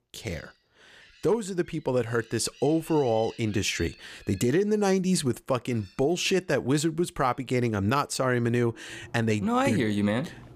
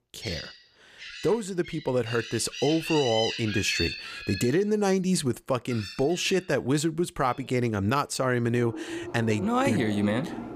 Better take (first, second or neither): first